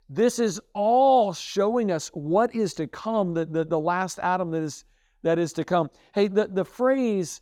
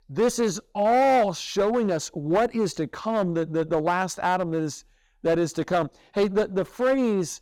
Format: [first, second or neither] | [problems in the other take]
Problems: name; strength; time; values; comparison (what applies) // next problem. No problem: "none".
first | distortion; slight; 7% of the sound clipped